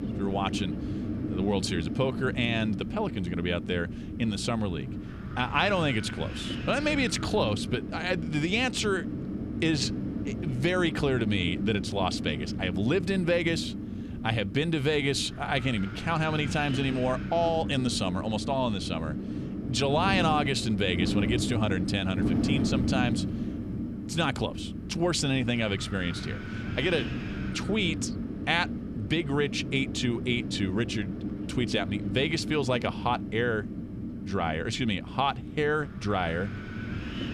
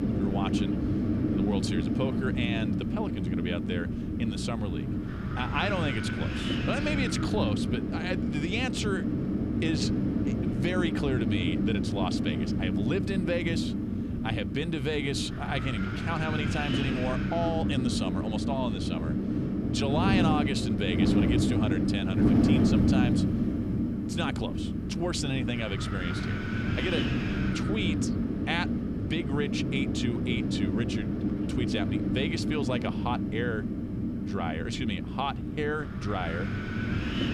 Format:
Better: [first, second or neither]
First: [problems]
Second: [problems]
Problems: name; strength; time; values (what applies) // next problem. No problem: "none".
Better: first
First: wind noise on the microphone; occasional gusts; 10 dB below the speech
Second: wind noise on the microphone; heavy; 1 dB below the speech